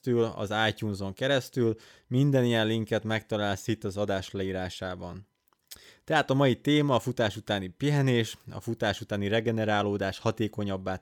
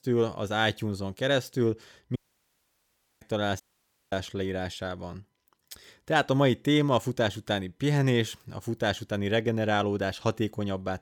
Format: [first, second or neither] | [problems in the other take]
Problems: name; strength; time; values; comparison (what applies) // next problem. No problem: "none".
first | audio cutting out; at 2 s for 1 s and at 3.5 s for 0.5 s